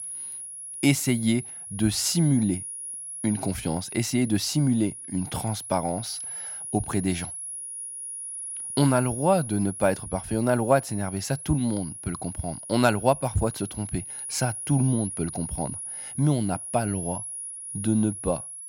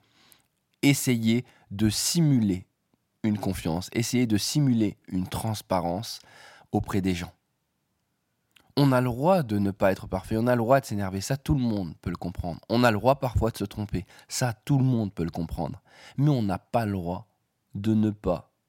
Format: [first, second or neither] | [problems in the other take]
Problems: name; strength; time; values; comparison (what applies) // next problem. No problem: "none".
second | high-pitched whine; loud; throughout; 10.5 kHz, 8 dB below the speech